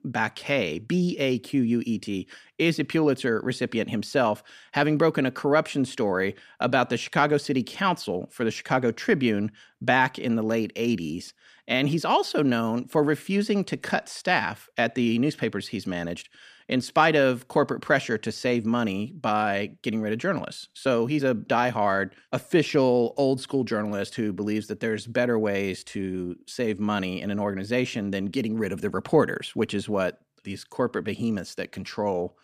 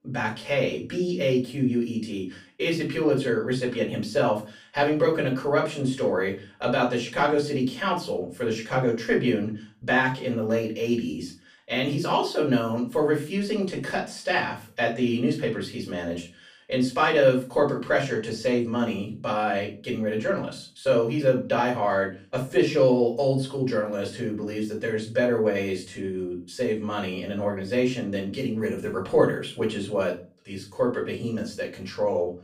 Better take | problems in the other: first | off-mic speech; far // room echo; slight; dies away in 0.3 s

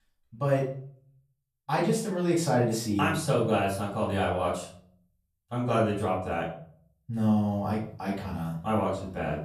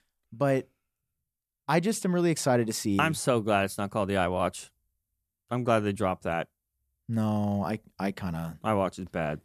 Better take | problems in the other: second | off-mic speech; far // room echo; slight; dies away in 0.5 s

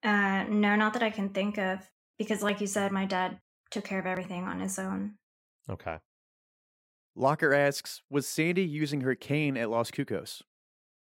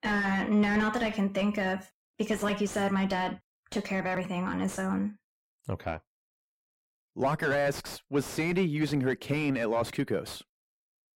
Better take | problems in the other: first | distortion; heavy; 7 dB below the speech

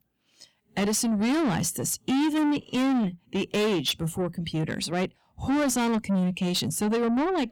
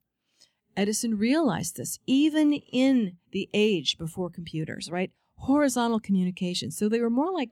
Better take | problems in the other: second | distortion; heavy; 8 dB below the speech

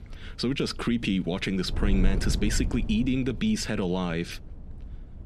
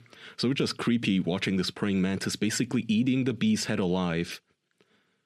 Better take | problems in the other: second | wind noise on the microphone; occasional gusts; 15 dB below the speech

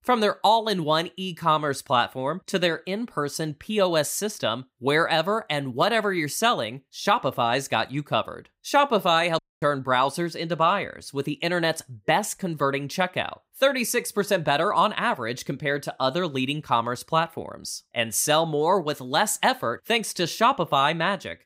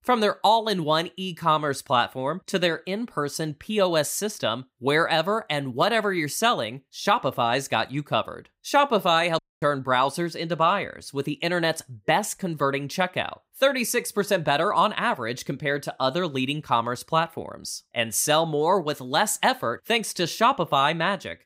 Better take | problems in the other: neither | audio cutting out; at 9.5 s; the same in both

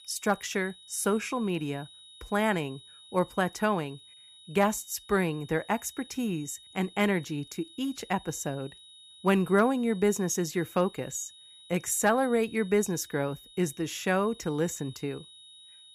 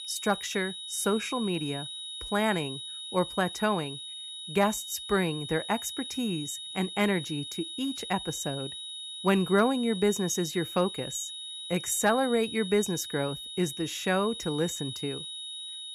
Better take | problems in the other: first | high-pitched whine; loud; throughout; 4 kHz, 7 dB below the speech; faint in the first

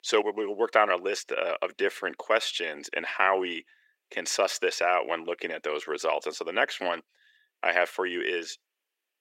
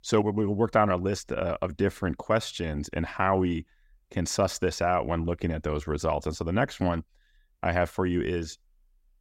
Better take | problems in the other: second | thin; very; fading below 400 Hz

